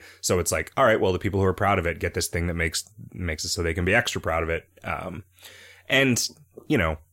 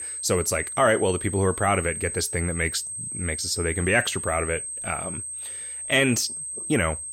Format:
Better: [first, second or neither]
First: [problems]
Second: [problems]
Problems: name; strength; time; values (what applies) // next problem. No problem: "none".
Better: first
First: none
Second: high-pitched whine; loud; throughout; 8.5 kHz, 6 dB below the speech